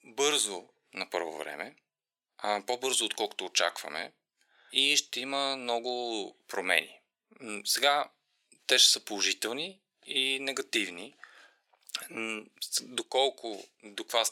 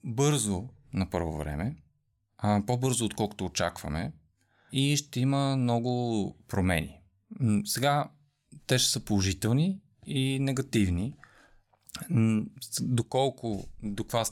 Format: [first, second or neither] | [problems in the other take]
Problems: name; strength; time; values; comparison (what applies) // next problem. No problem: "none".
second | thin; very; fading below 400 Hz